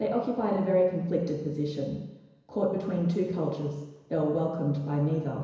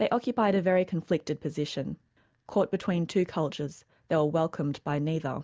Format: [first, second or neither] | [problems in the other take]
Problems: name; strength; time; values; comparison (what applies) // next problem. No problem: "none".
second | room echo; dies away in 1 s